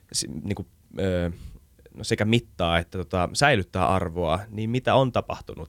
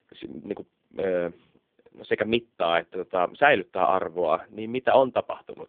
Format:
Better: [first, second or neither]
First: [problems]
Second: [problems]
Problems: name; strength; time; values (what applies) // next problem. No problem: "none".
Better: first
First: none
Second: phone-call audio; poor line